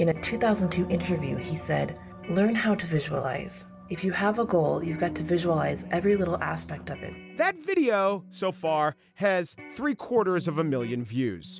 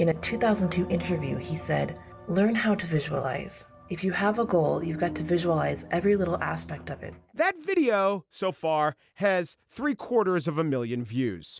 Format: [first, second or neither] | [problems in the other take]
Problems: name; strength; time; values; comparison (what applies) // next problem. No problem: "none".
second | background sound (Electric guitar); 18 dB below the speech